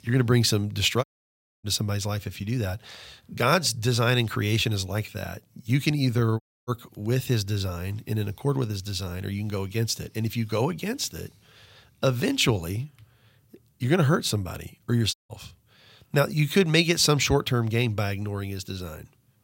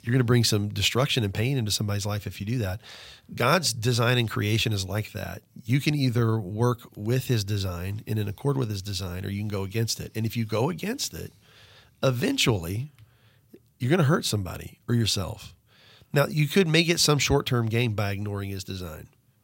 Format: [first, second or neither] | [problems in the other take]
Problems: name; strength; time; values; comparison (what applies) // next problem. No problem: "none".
second | audio cutting out; at 1 s for 0.5 s, at 6.5 s and at 15 s